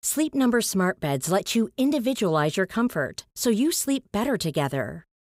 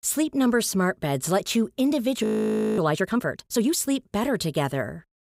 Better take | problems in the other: first | audio freezing; at 2 s for 0.5 s

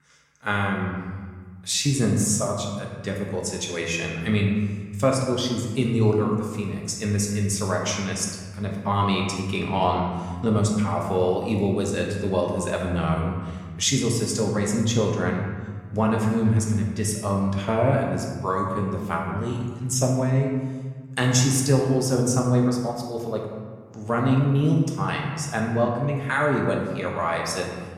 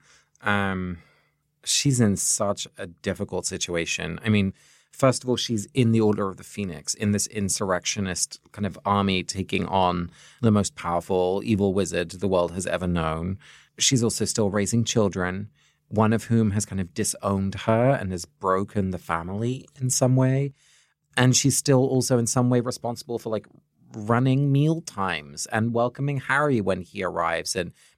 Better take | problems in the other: second | room echo; noticeable; dies away in 1.4 s // off-mic speech; somewhat distant

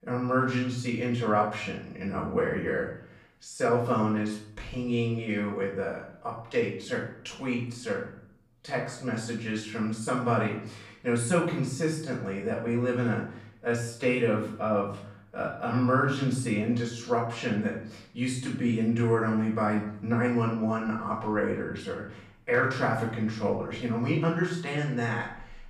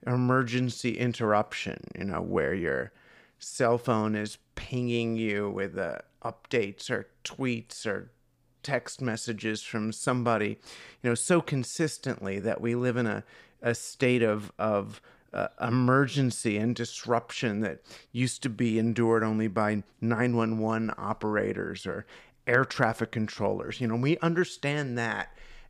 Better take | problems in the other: second | off-mic speech; far // room echo; noticeable; dies away in 0.5 s

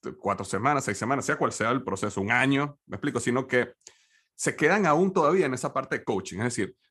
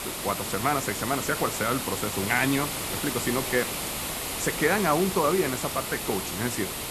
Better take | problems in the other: first | hiss; loud; throughout; 3 dB below the speech

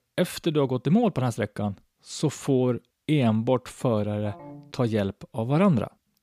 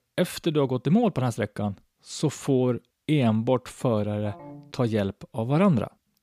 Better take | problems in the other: neither | phone ringing; faint; at 4 s; peak 20 dB below the speech; the same in both

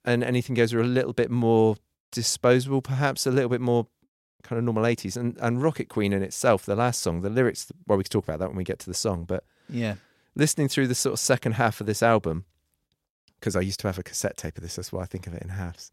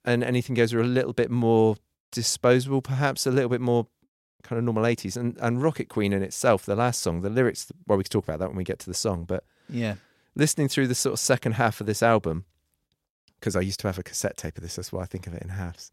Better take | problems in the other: neither | none

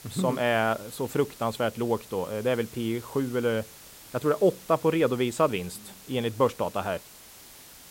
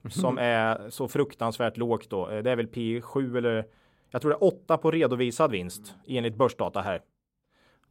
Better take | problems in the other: second | hiss; noticeable; throughout; 20 dB below the speech

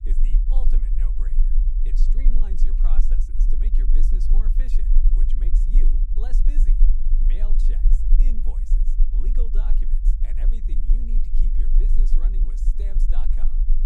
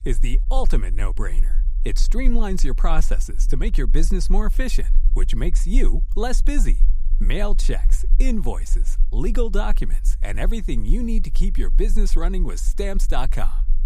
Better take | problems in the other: second | low rumble; loud; throughout; 1 dB below the speech; faint in the second

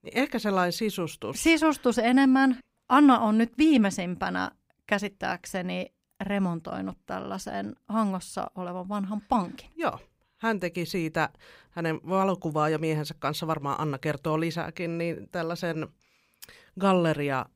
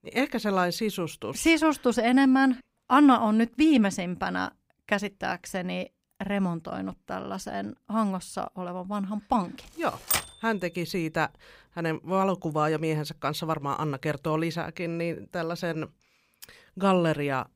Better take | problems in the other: first | keyboard typing; loud; at 10 s; peak level with the speech

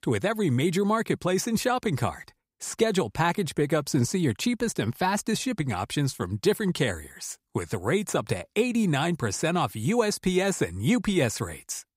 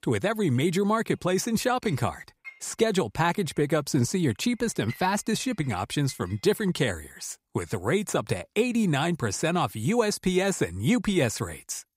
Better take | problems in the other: first | household noises; faint; throughout; 25 dB below the speech

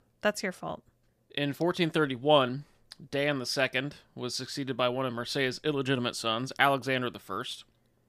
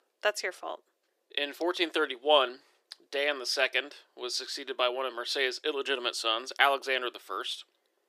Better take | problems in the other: first | thin; very; fading below 350 Hz

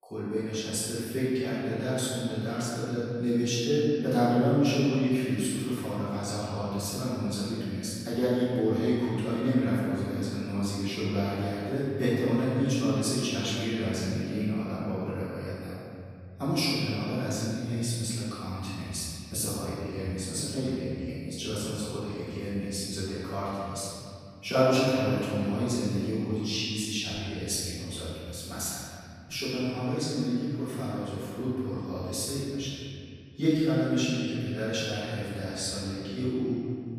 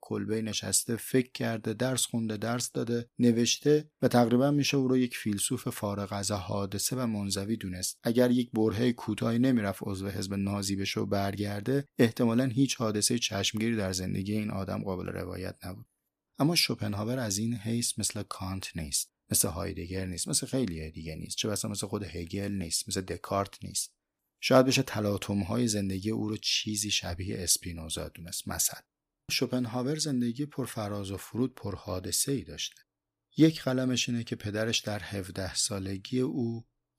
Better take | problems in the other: second | room echo; strong; dies away in 2.4 s // off-mic speech; far

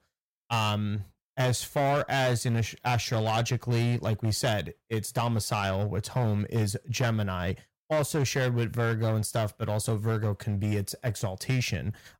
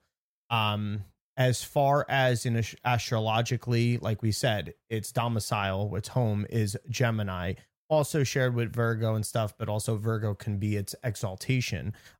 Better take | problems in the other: second | distortion; slight; 10% of the sound clipped

